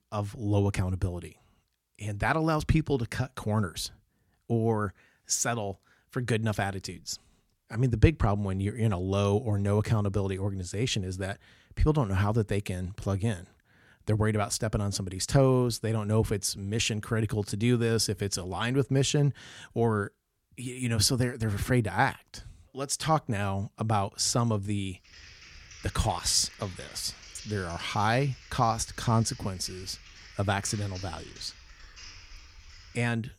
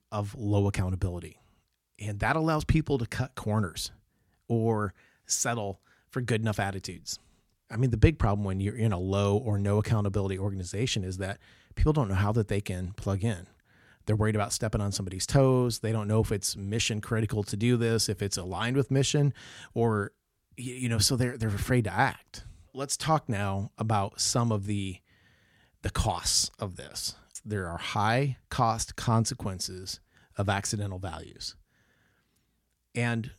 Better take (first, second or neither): second